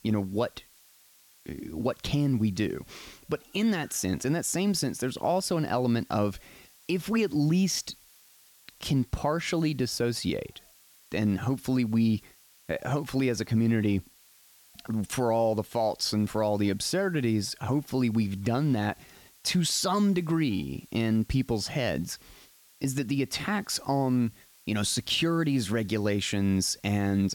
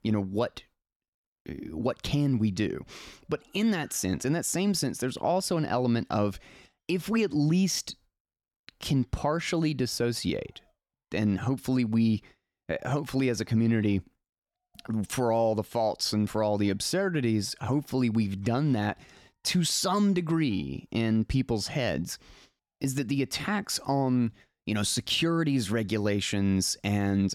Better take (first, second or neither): second